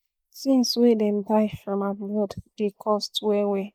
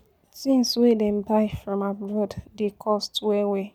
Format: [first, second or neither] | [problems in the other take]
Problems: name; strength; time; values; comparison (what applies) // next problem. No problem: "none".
second | noise reduction (neural mask model Resemble Enhance denoiser)